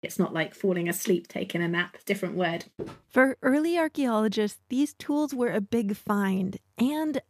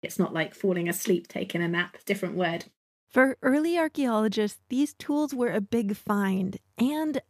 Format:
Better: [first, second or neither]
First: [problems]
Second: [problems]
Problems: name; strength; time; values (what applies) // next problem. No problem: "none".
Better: second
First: footsteps; faint; at 3 s; peak 15 dB below the speech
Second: none